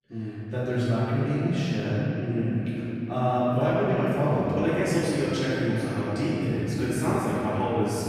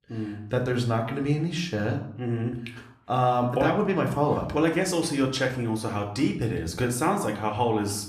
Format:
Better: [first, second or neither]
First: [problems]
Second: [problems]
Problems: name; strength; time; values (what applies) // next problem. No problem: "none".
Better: second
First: room echo; strong; dies away in 3 s // off-mic speech; far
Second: room echo; slight; dies away in 0.5 s // off-mic speech; somewhat distant